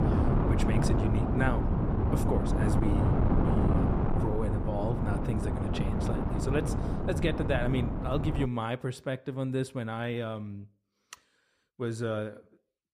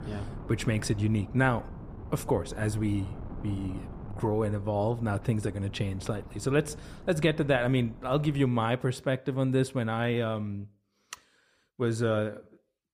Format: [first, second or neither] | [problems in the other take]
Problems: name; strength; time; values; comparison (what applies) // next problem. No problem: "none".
second | wind noise on the microphone; heavy; until 8.5 s; as loud as the speech; occasional gusts in the second